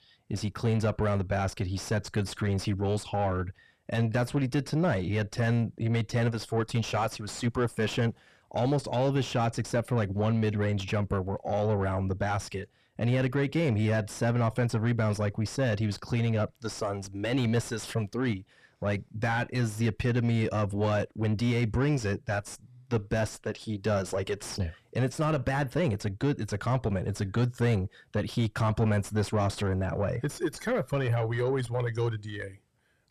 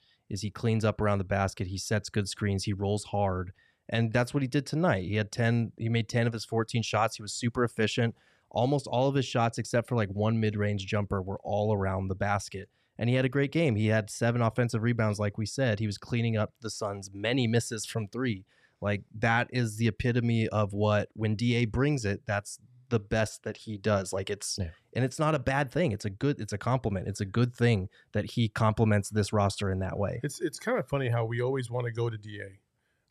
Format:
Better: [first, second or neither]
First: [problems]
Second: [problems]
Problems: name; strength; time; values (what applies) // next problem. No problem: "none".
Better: second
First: distortion; slight; 9 dB below the speech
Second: none